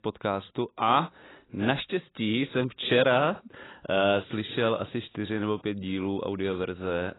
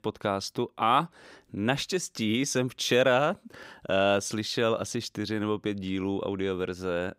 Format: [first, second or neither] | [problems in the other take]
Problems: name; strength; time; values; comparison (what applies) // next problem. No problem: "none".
second | garbled, watery; badly; nothing above 4 kHz